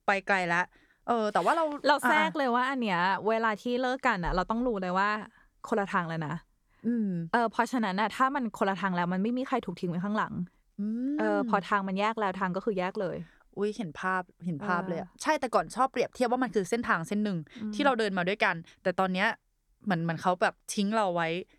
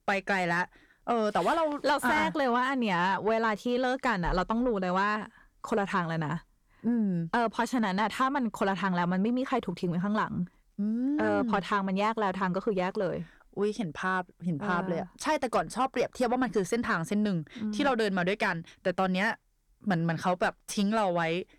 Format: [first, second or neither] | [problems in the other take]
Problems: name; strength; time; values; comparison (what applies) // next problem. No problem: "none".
first | distortion; slight; 10 dB below the speech